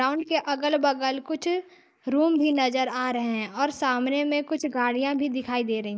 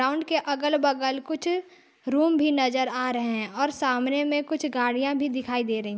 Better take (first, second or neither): second